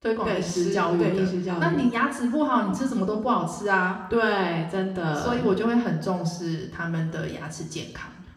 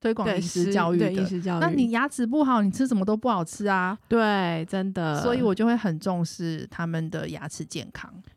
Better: second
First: room echo; slight; dies away in 0.8 s // off-mic speech; somewhat distant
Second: none

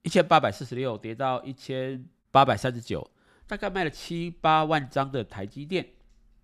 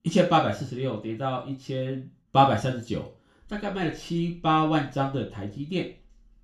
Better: first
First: none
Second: room echo; slight; dies away in 0.3 s // off-mic speech; far

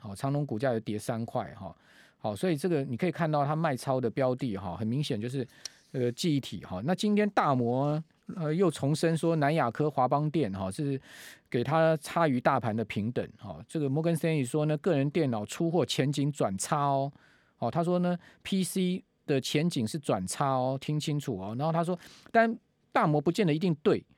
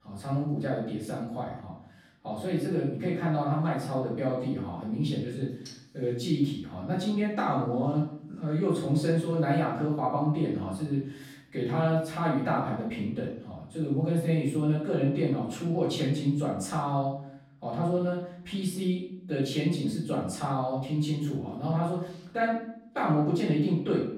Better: first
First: none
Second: room echo; noticeable; dies away in 0.6 s // off-mic speech; far

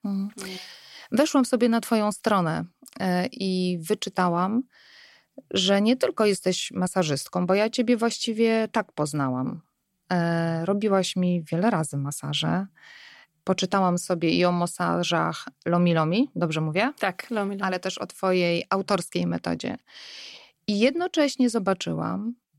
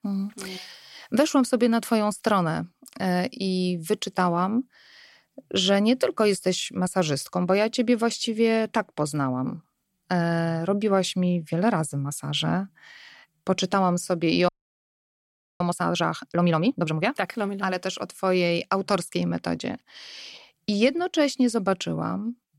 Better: first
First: none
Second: audio freezing; at 14 s for 1 s

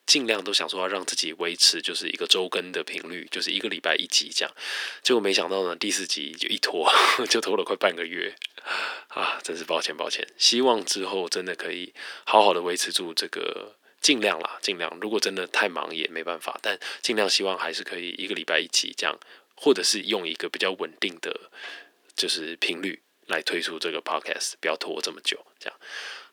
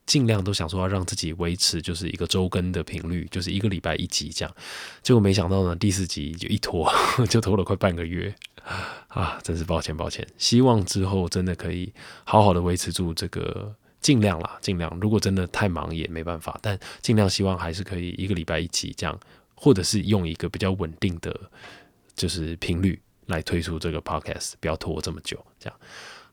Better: second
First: thin; very; fading below 300 Hz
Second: none

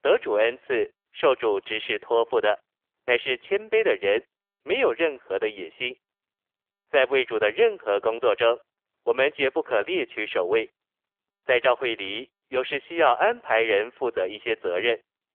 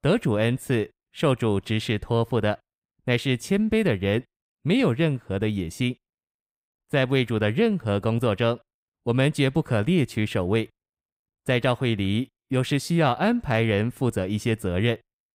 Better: second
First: phone-call audio; nothing above 3.5 kHz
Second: none

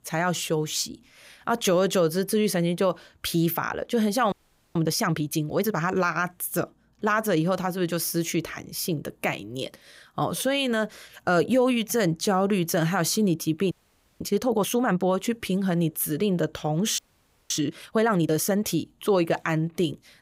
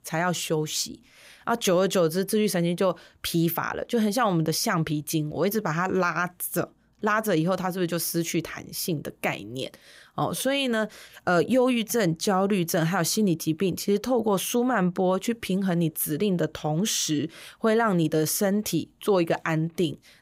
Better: second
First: audio freezing; at 4.5 s, at 14 s and at 17 s for 0.5 s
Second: none

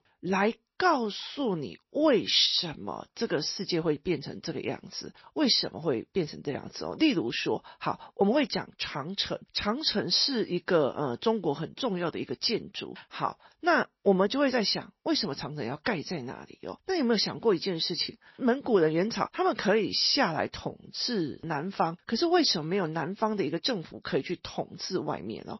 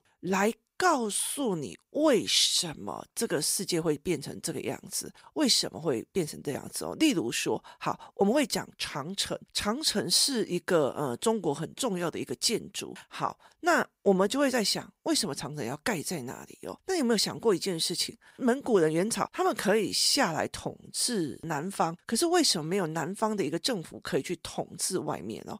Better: second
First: garbled, watery; slightly; nothing above 5.5 kHz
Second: none

